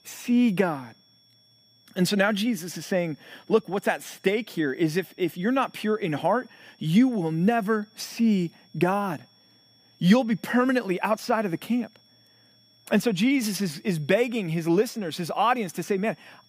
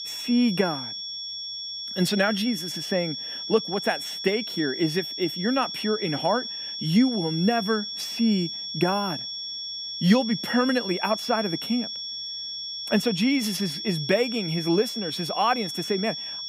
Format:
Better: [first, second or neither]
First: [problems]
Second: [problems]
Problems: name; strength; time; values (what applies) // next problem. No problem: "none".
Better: first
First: high-pitched whine; faint; throughout; 5.5 kHz, 30 dB below the speech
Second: high-pitched whine; loud; throughout; 5.5 kHz, 5 dB below the speech